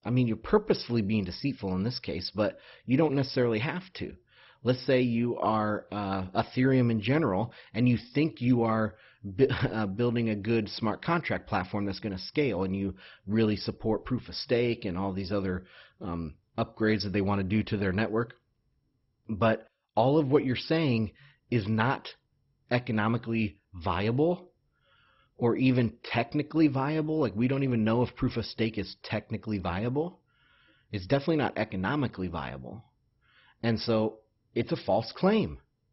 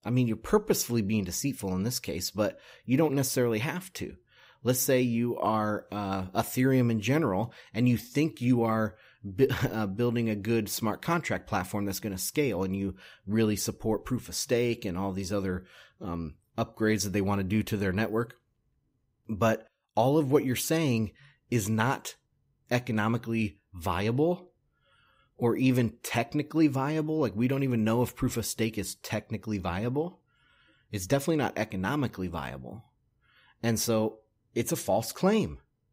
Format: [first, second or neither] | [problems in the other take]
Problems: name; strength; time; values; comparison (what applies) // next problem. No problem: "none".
second | garbled, watery; badly; nothing above 5.5 kHz